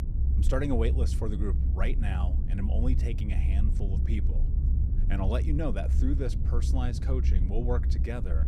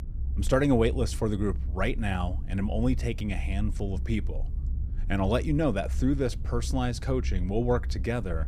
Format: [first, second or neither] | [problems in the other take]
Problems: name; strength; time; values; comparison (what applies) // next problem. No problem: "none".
second | low rumble; loud; throughout; 8 dB below the speech; faint in the second